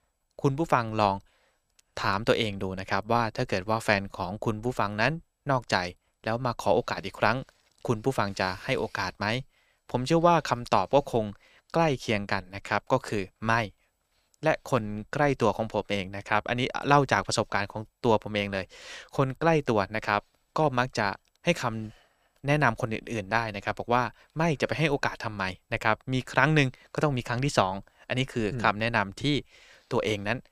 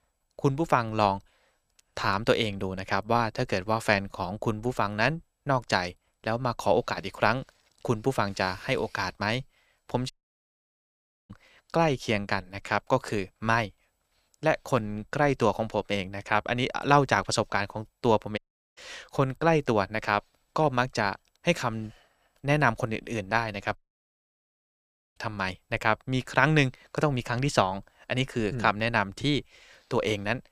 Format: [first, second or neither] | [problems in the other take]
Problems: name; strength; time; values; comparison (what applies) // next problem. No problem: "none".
first | audio cutting out; at 10 s for 1 s, at 18 s and at 24 s for 1.5 s